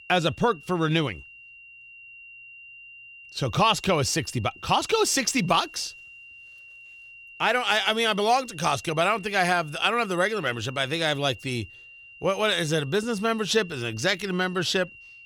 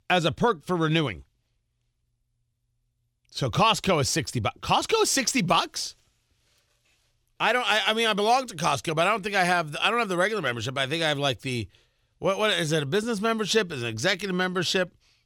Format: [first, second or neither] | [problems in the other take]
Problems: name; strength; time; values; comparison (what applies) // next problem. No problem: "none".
second | high-pitched whine; noticeable; throughout; 3 kHz, 20 dB below the speech